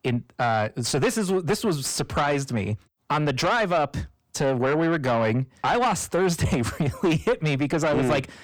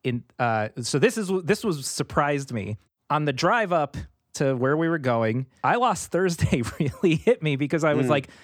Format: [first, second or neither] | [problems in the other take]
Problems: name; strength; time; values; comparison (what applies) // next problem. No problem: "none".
second | distortion; heavy; 7 dB below the speech